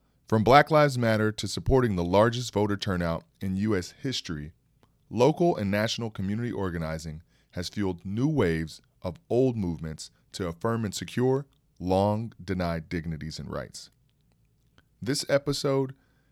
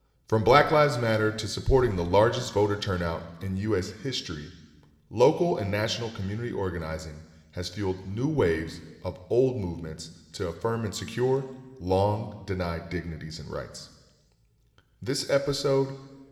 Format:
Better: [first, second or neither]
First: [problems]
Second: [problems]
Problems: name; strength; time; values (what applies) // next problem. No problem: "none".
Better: first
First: none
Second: room echo; very slight; dies away in 1.1 s